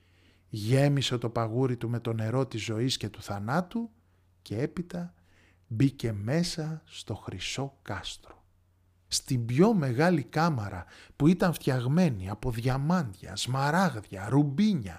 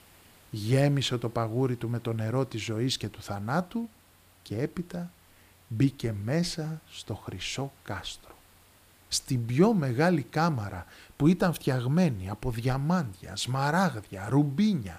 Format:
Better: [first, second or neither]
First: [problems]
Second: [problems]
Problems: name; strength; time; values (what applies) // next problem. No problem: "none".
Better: first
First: none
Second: hiss; faint; throughout; 30 dB below the speech